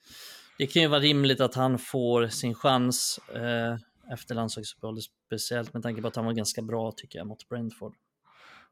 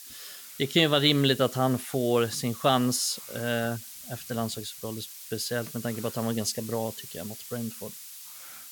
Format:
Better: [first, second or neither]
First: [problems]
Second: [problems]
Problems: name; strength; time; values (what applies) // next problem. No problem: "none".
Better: first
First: none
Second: hiss; noticeable; throughout; 15 dB below the speech